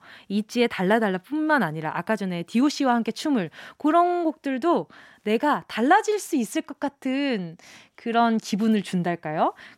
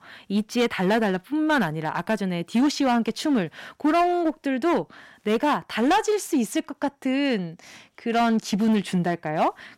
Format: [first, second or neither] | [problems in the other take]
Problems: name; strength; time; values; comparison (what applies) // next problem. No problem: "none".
first | distortion; slight; 7% of the sound clipped